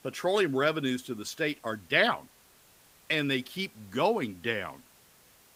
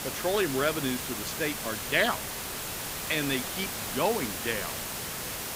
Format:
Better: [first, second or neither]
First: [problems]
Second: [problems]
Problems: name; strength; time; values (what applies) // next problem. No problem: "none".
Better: first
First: hiss; faint; throughout; 30 dB below the speech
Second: hiss; loud; throughout; 3 dB below the speech